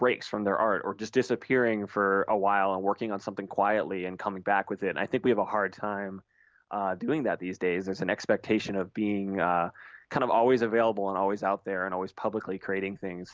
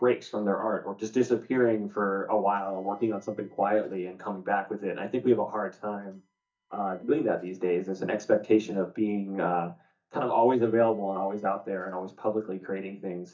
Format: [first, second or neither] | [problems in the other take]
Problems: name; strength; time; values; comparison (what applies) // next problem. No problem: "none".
first | noise reduction (neural mask model DeepFilterNet 3)